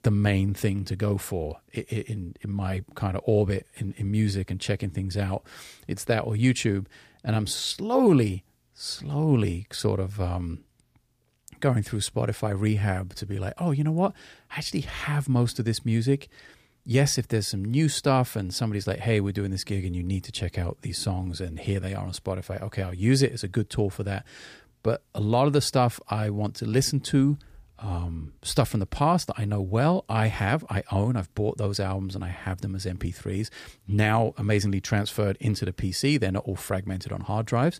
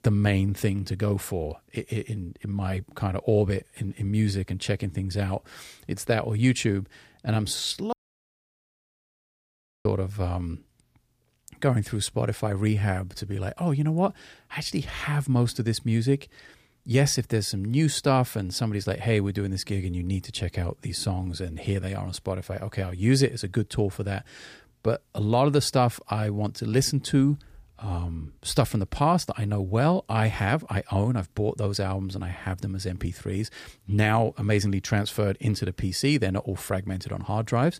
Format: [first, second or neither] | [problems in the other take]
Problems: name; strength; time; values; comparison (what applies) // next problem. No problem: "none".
first | audio cutting out; at 8 s for 2 s